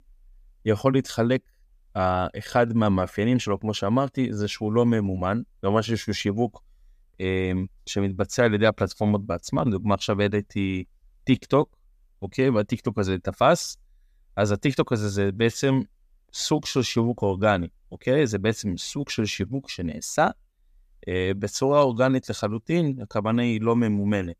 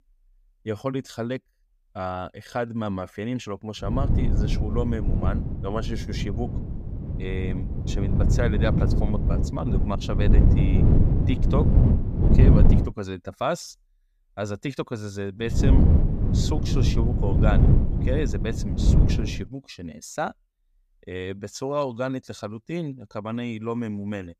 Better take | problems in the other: first | wind noise on the microphone; heavy; from 4 to 13 s and from 16 to 19 s; 1 dB below the speech

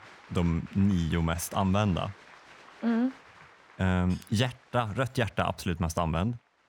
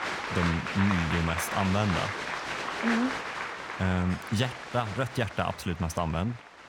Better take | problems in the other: first | crowd noise; loud; throughout; 3 dB below the speech; faint in the first

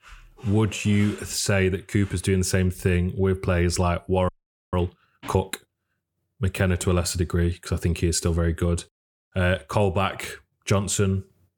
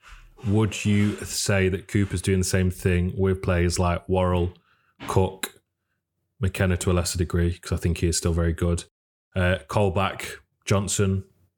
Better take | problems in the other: second | audio freezing; at 4.5 s

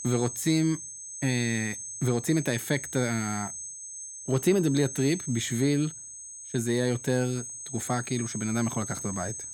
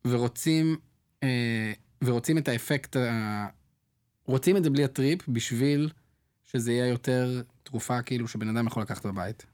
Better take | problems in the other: second | high-pitched whine; loud; throughout; 6.5 kHz, 8 dB below the speech

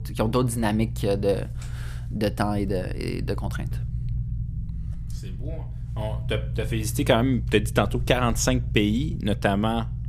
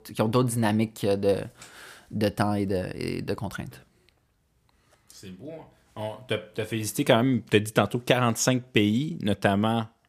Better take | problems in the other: second | low rumble; noticeable; throughout; 20 dB below the speech

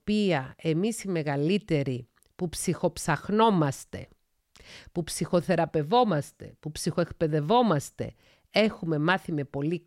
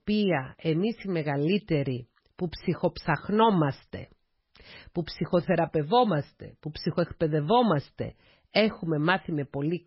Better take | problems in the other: first | garbled, watery; badly; nothing above 5.5 kHz

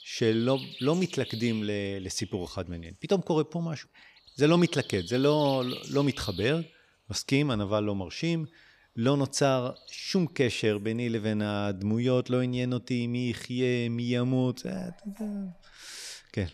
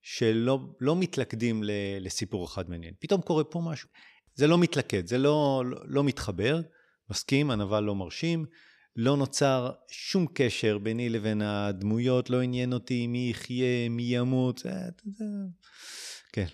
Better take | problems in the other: second | animal sounds; noticeable; throughout; 15 dB below the speech

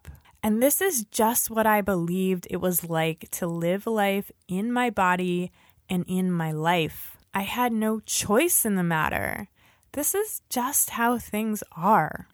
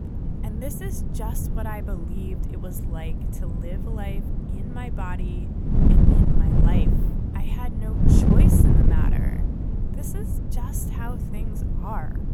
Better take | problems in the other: first | wind noise on the microphone; heavy; 4 dB above the speech

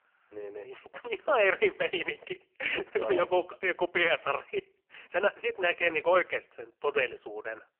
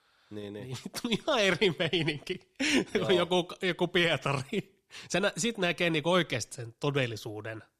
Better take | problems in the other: second | phone-call audio; poor line; nothing above 3 kHz

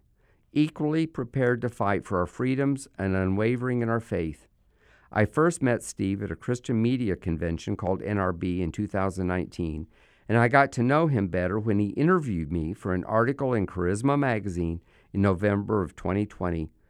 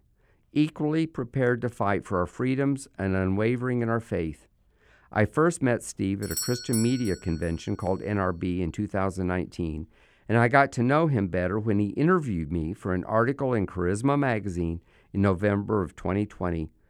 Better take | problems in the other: first | doorbell; noticeable; at 6 s; peak 4 dB below the speech

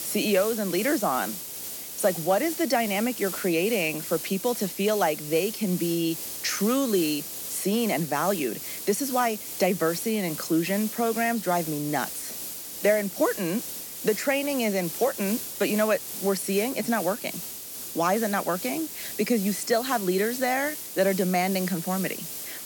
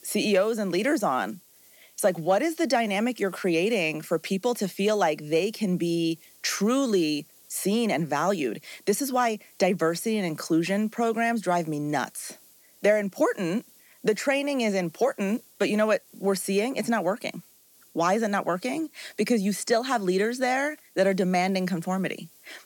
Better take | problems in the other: second | hiss; loud; throughout; 7 dB below the speech; faint in the second

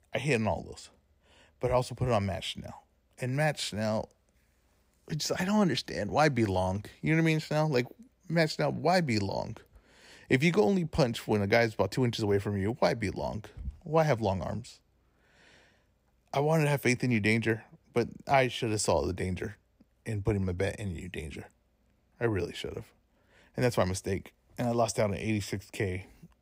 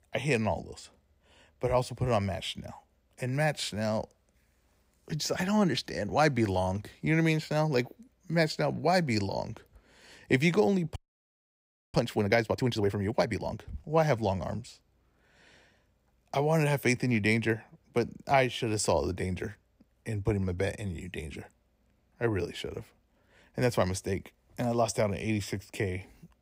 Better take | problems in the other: first | audio freezing; at 11 s for 1 s

